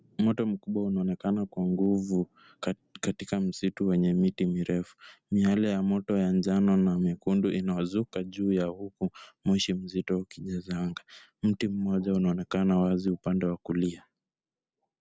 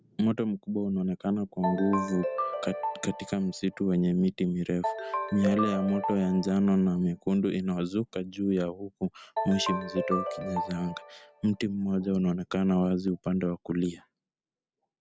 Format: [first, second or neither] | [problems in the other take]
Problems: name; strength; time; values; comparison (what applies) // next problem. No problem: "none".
first | background sound (Ringtone); 6 dB below the speech